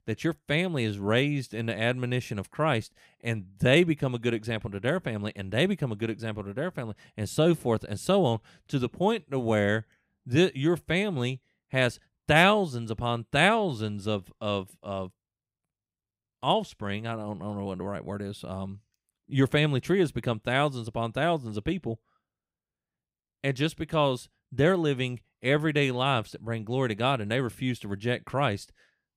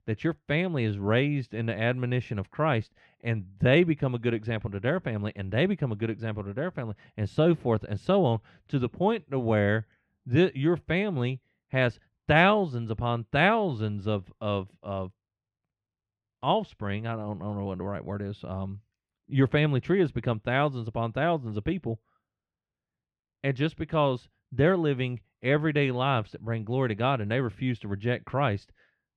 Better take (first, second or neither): first